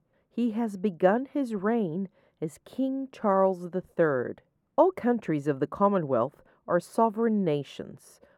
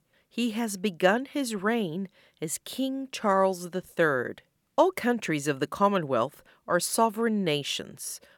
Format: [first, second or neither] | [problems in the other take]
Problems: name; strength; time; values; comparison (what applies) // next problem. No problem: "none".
second | muffled; very; fading above 2 kHz